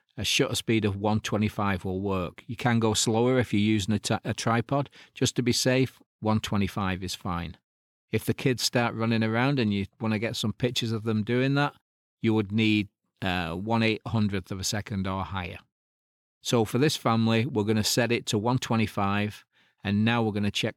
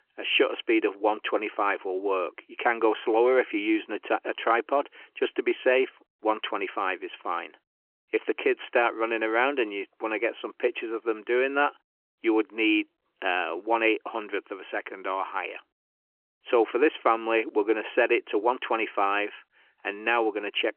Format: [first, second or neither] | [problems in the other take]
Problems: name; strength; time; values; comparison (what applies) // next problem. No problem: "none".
first | phone-call audio; nothing above 3 kHz